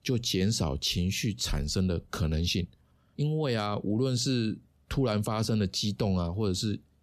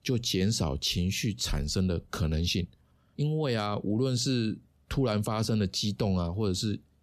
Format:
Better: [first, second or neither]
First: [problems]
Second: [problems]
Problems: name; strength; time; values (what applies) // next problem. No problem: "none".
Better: neither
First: none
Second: none